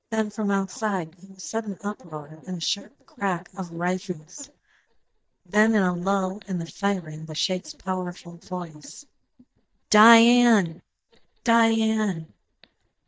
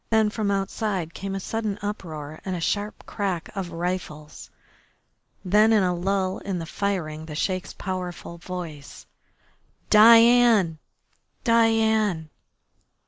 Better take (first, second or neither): second